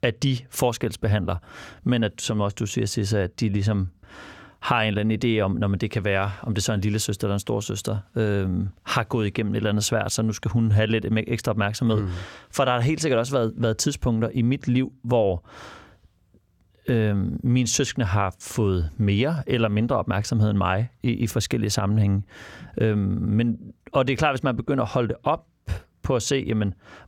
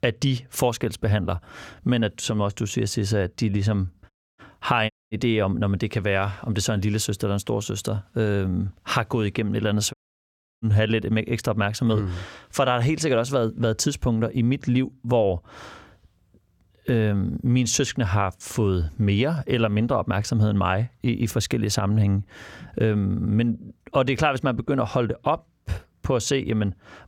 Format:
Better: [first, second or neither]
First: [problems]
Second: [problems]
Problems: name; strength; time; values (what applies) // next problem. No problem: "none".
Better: first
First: none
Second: audio cutting out; at 4 s, at 5 s and at 10 s for 0.5 s